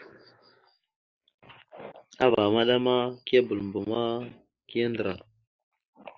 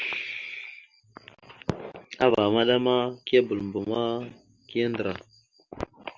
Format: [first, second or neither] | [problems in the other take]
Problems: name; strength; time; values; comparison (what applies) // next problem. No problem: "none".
second | noise reduction (neural mask model Resemble Enhance denoiser)